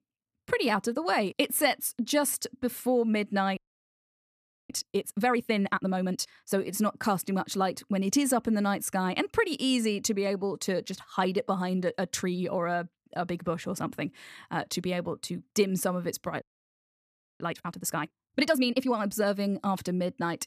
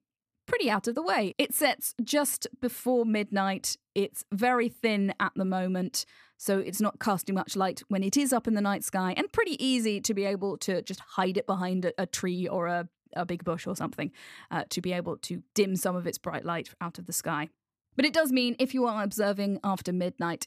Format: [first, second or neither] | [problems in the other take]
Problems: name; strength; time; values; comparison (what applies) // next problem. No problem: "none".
second | audio freezing; at 3.5 s for 1 s and at 16 s for 1 s